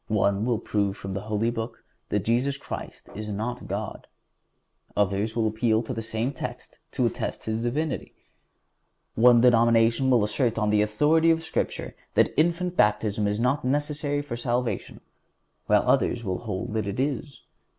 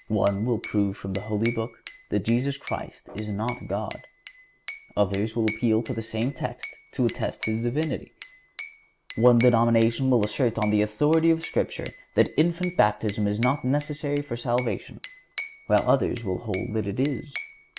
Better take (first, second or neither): first